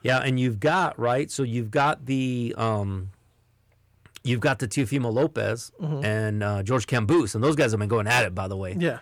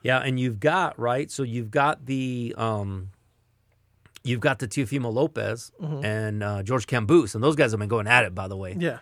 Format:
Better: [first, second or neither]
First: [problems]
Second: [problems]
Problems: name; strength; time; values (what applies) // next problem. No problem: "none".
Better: second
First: distortion; slight; 10 dB below the speech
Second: none